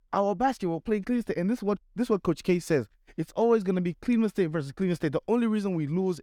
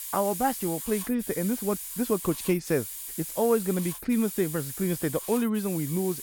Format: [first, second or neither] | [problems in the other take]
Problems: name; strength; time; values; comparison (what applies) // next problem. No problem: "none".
first | hiss; loud; throughout; 7 dB below the speech